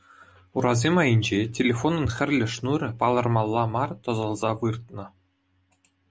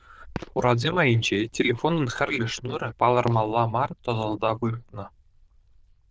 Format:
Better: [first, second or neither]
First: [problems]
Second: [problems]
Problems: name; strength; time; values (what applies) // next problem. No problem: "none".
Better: first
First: none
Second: noise reduction (neural diffusion model UNIVERSE++)